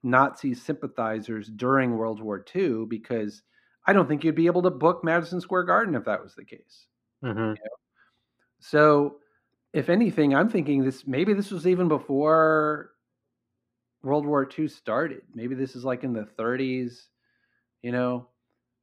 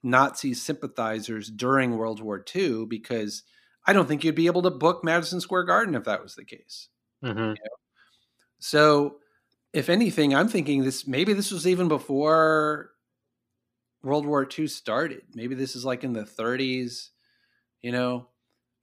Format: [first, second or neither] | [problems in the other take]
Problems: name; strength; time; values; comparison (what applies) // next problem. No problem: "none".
second | muffled; slightly; fading above 3 kHz